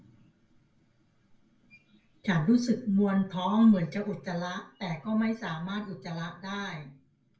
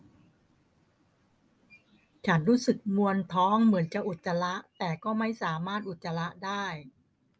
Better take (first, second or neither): second